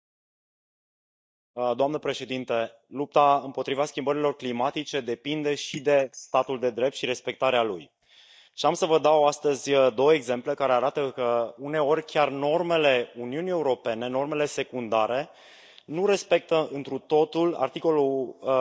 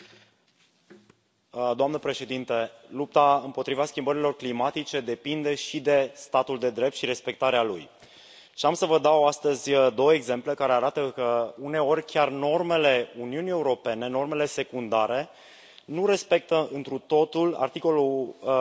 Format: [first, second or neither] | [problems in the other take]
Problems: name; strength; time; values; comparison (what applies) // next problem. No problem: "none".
second | noise reduction (neural mask model DeepFilterNet 3)